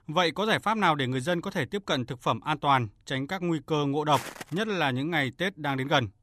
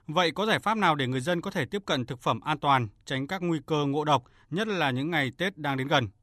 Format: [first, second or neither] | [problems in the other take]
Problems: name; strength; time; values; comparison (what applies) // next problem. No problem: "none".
second | footsteps; faint; at 4 s; peak 10 dB below the speech